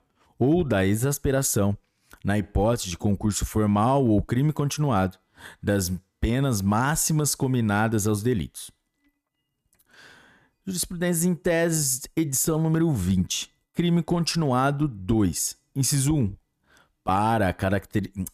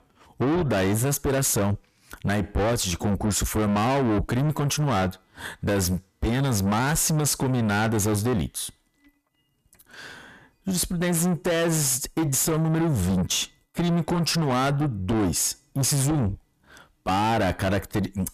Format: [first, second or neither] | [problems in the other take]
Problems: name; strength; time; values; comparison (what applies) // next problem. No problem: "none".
first | distortion; heavy; 7 dB below the speech